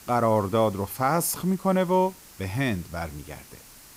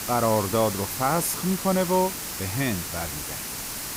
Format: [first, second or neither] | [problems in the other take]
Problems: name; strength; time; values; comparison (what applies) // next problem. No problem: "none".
first | hiss; loud; throughout; 5 dB below the speech; faint in the first